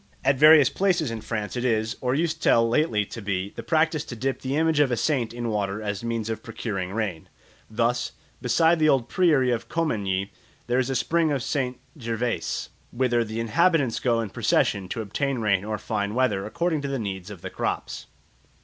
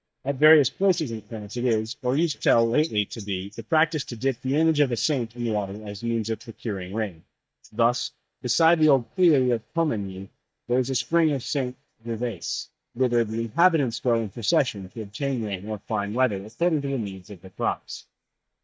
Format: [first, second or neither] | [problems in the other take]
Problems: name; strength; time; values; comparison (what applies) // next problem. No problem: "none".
first | noise reduction (neural mask model DeepFilterNet 3)